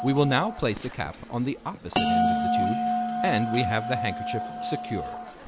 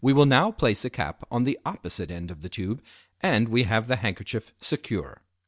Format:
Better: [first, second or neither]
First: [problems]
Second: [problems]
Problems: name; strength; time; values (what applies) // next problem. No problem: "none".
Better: second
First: background sound (Bell); as loud as the speech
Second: none